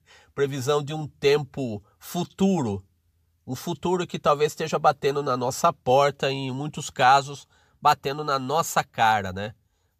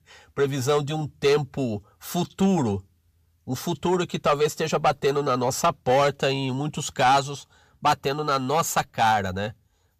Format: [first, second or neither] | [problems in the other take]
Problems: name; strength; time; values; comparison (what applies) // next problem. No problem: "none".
first | distortion; slight; 10 dB below the speech